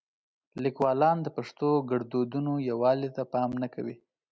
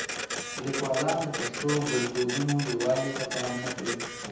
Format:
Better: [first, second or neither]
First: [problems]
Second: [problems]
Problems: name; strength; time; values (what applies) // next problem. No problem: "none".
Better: first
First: none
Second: background sound (Printer); 4 dB below the speech // room echo; dies away in 0.8 s